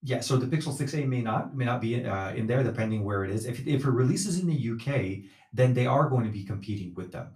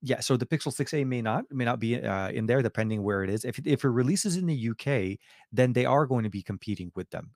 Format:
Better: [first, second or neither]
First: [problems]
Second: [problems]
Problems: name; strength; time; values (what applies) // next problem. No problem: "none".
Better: second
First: off-mic speech; far // room echo; very slight; dies away in 0.2 s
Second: none